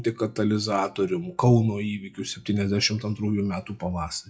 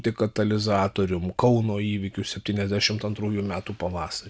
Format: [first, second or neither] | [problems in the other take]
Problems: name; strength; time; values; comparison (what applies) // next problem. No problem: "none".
second | noise reduction (classical method WPE with log-MMSE)